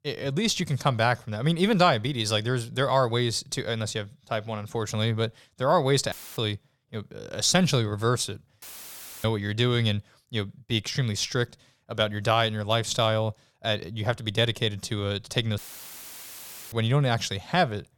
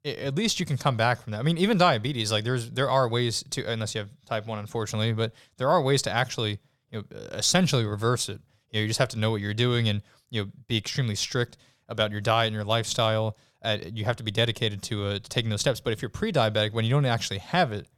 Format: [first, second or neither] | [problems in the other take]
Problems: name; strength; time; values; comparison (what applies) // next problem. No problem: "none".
second | audio cutting out; filled with static; at 6 s, at 8.5 s for 0.5 s and at 16 s for 1 s